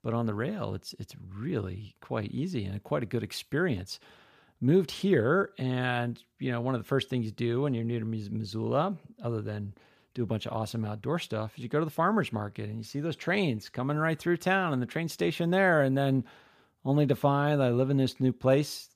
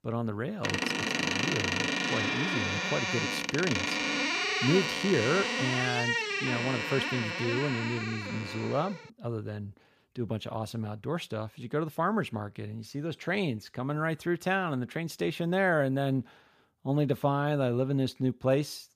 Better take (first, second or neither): first